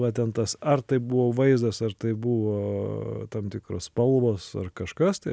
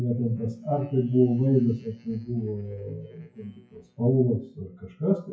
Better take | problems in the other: first | noise reduction (classical method WPE with log-MMSE)

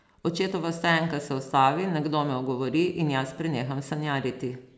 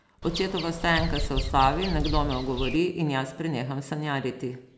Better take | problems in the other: first | background sound (Bird vocalization, bird call, bird song); 3 dB below the speech

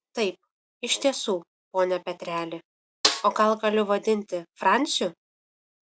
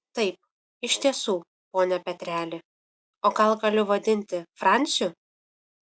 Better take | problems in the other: second | background sound (Snare drum); 4 dB below the speech

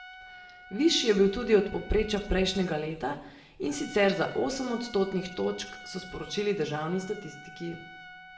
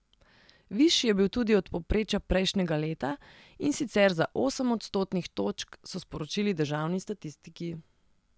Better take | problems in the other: second | background sound (Trumpet); 18 dB below the speech // room echo; dies away in 0.6 s

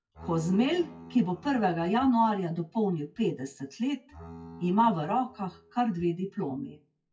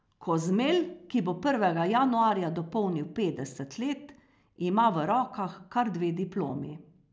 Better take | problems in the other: second | noise reduction (classical method WPE with log-MMSE)

